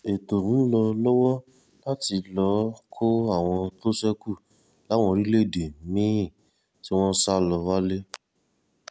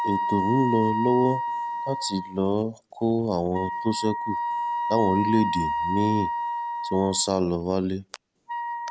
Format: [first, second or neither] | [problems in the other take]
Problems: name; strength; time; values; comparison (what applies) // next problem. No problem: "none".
first | background sound (Wind instrument, woodwind instrument); 3 dB below the speech